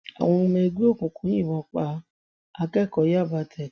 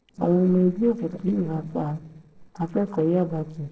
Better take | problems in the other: first | noise reduction (neural separator model SepFormer DNS4)

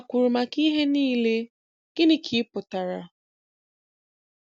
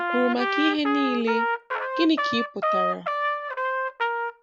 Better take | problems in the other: first | background sound (Trumpet); 1 dB above the speech

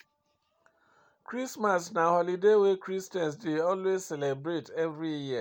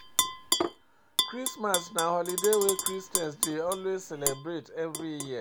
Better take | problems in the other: first | background sound (Tap / Glass); 1 dB below the speech

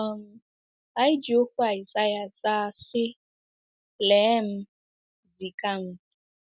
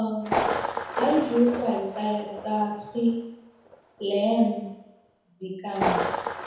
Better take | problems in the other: first | background sound (Thunder); 4 dB below the speech // room echo; dies away in 0.9 s

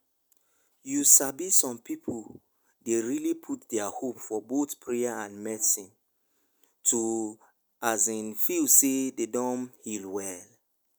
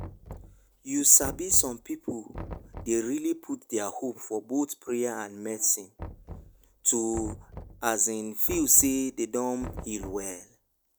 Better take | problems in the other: first | background sound (Knock); 16 dB below the speech

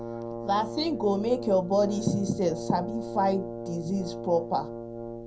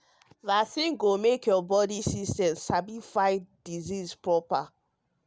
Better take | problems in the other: second | background sound (Brass instrument); 8 dB below the speech // room echo; dies away in 0.2 s

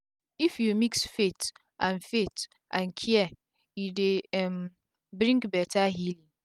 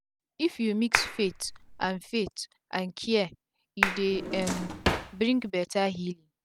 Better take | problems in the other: first | background sound (Drawer open or close + Clapping); 1 dB below the speech

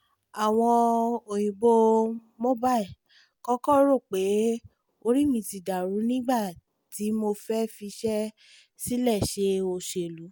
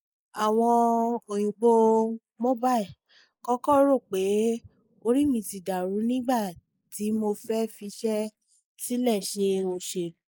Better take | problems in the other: first | noise reduction (neural mask model Resemble Enhance denoiser)

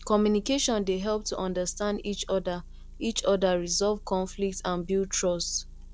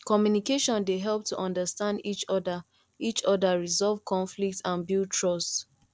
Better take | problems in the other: second | background sound (Motor vehicle (road) / Engine); 16 dB below the speech

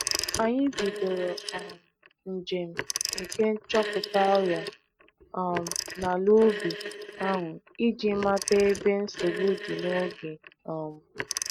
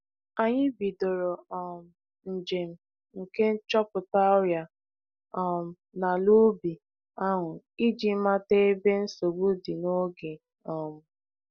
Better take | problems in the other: second | noise reduction (neural mask model RNNoise)

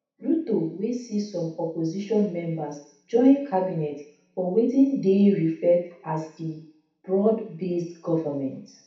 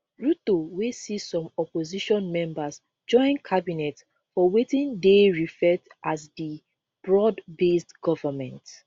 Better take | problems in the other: second | room echo; dies away in 0.7 s

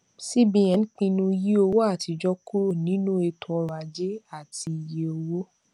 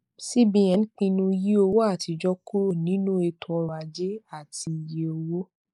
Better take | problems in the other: first | noise reduction (neural mask model Resemble Enhance denoiser)

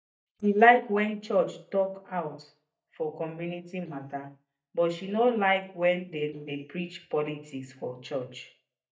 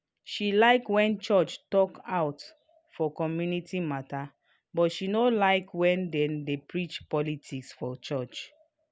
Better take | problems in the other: second | noise reduction (neural mask model DeepFilterNet 3)

